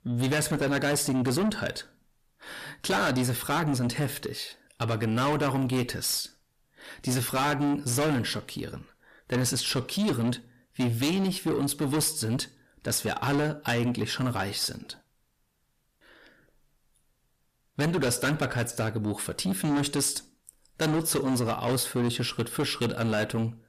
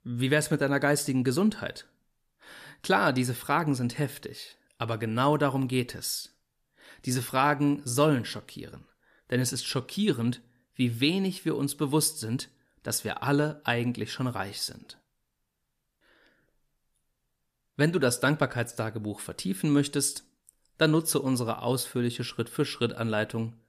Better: second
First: distortion; heavy; 6 dB below the speech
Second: none

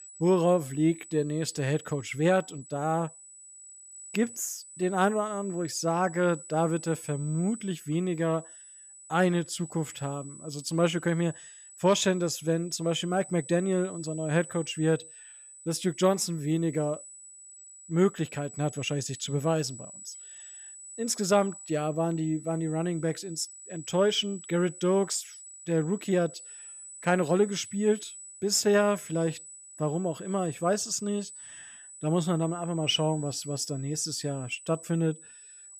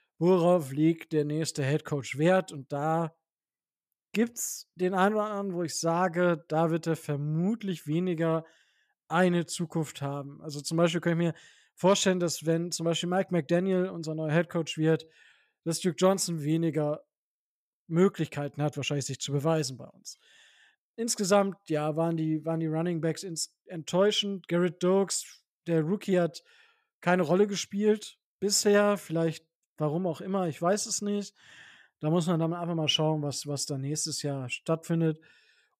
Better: second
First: high-pitched whine; noticeable; throughout; 8 kHz, 15 dB below the speech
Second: none

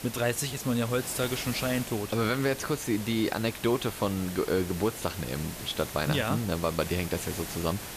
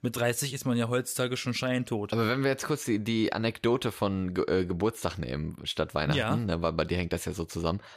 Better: second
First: hiss; loud; throughout; 9 dB below the speech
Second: none

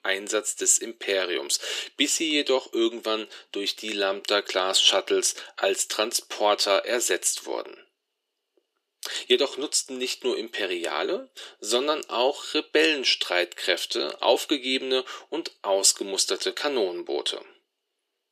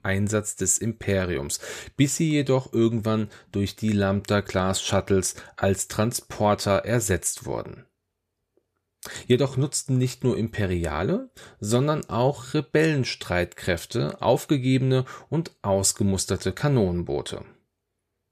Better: second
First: thin; very; fading below 300 Hz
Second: none

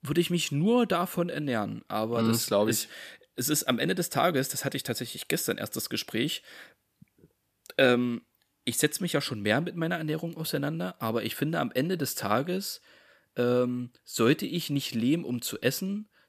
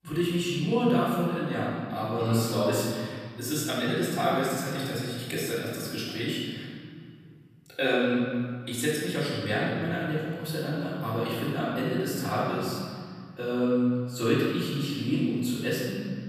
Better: first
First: none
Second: off-mic speech; far // room echo; strong; dies away in 2.2 s

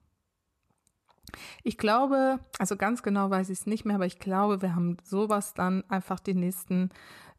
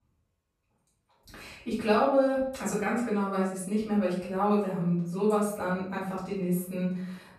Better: first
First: none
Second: off-mic speech; far // room echo; noticeable; dies away in 0.6 s

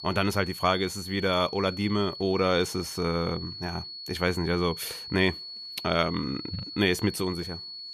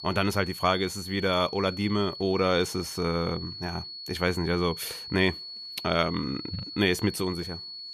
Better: neither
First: high-pitched whine; loud; throughout; 4.5 kHz, 10 dB below the speech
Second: high-pitched whine; loud; throughout; 4.5 kHz, 10 dB below the speech

